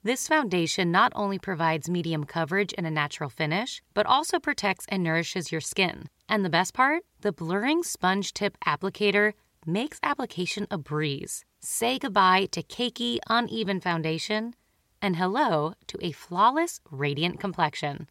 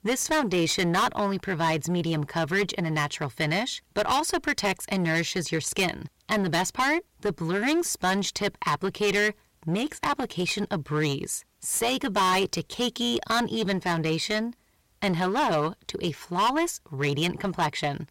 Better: first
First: none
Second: distortion; heavy; 12% of the sound clipped

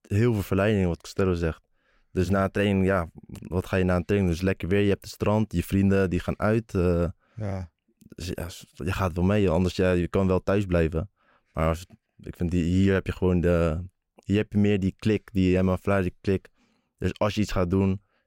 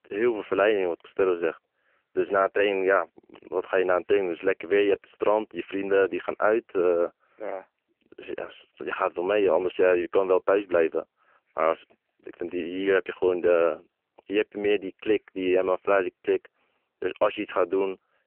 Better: first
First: none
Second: phone-call audio; poor line; nothing above 3 kHz

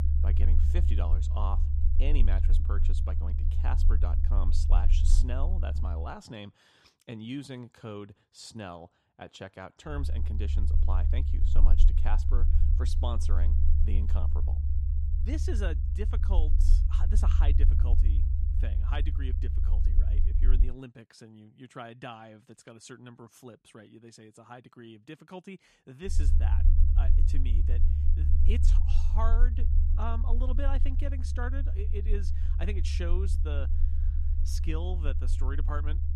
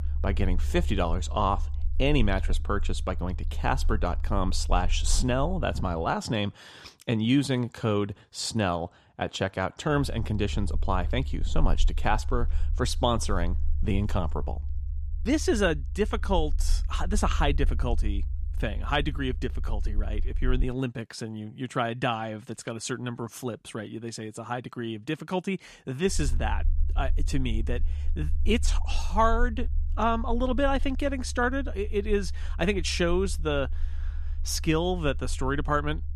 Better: second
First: low rumble; loud; until 6 s, from 10 to 21 s and from 26 s on; 5 dB below the speech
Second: low rumble; faint; until 6 s, from 10 to 21 s and from 26 s on; 25 dB below the speech

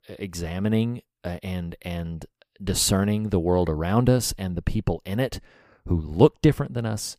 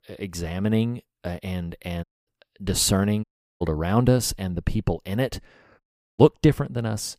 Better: first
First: none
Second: audio cutting out; at 2 s, at 3 s and at 6 s

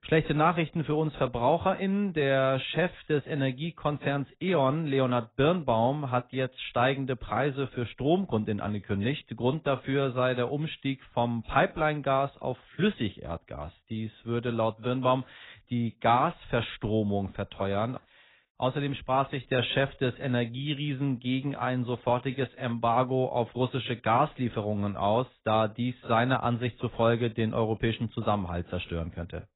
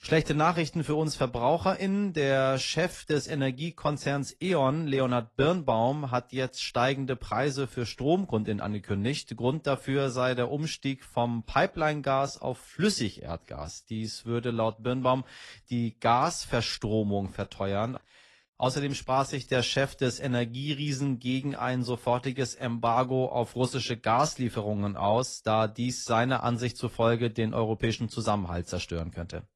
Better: second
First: garbled, watery; badly; nothing above 4 kHz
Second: garbled, watery; slightly; nothing above 11.5 kHz

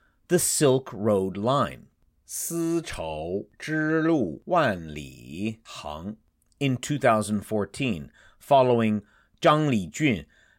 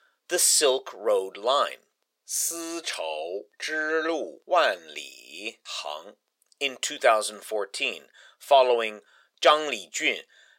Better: first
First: none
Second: thin; very; fading below 450 Hz

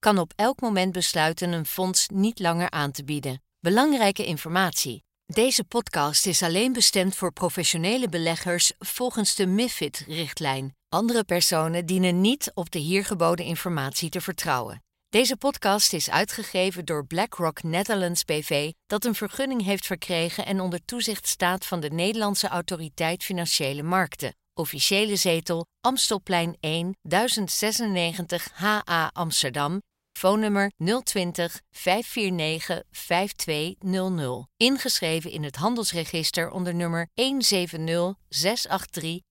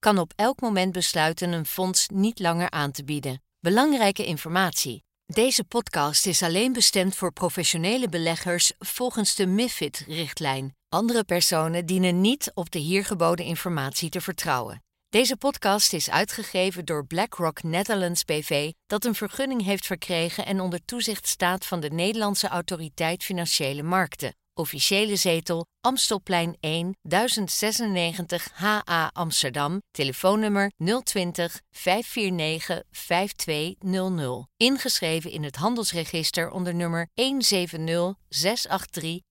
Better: second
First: audio cutting out; at 30 s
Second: none

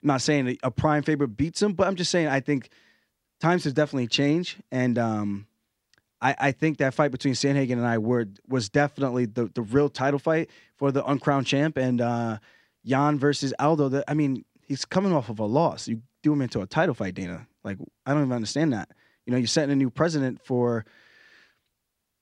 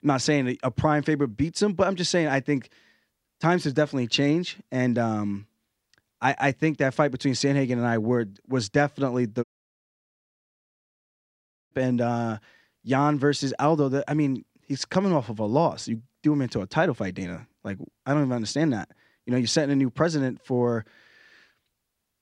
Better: first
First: none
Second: audio cutting out; at 9.5 s for 2.5 s

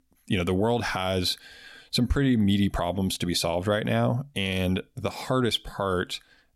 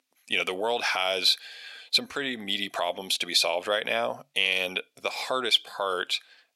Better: first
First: none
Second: thin; very; fading below 600 Hz

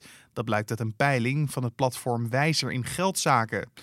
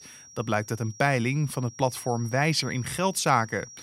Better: first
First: none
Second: high-pitched whine; noticeable; throughout; 5.5 kHz, 20 dB below the speech

